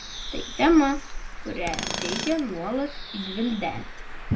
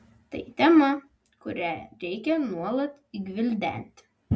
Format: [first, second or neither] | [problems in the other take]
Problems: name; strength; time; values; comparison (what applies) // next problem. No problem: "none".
second | background sound (Bird + Tools); 7 dB below the speech